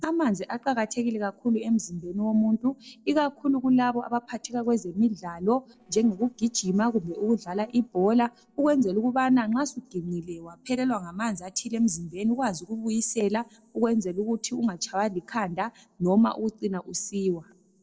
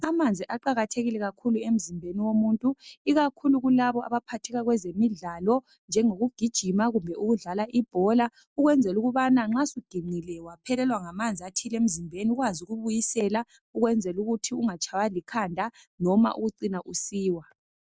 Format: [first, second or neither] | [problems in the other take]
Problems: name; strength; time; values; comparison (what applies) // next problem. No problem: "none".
second | noise reduction (neural separator model SepFormer DNS4)